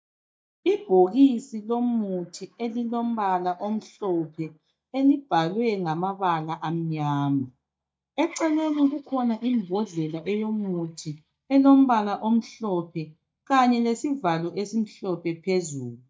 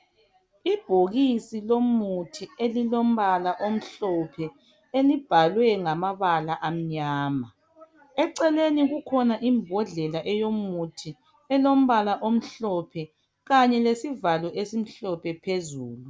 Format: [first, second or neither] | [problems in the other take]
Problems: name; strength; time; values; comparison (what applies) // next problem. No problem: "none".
second | noise reduction (neural mask model DeepFilterNet 3)